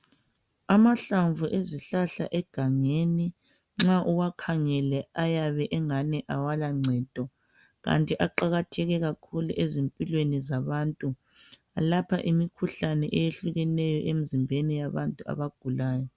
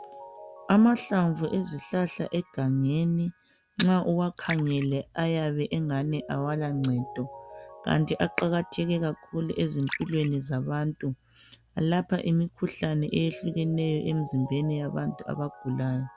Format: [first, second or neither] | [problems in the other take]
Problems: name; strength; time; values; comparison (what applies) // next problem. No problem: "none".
first | background sound (Liquid + Mallet percussion); 19 dB below the speech